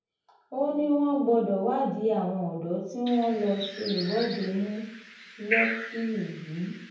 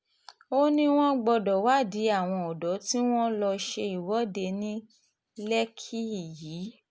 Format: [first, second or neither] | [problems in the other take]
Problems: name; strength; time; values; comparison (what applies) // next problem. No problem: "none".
second | background sound (Bird); 7 dB below the speech // room echo; dies away in 0.9 s